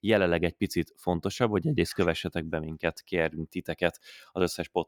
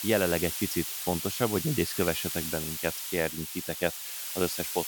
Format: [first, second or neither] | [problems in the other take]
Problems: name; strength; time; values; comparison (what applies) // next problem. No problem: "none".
first | hiss; loud; throughout; 2 dB below the speech